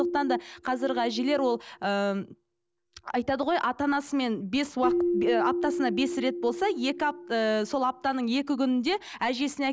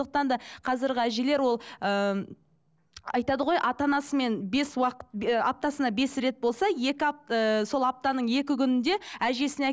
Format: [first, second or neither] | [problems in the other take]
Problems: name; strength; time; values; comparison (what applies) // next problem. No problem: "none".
second | noise reduction (neural mask model DeepFilterNet 3)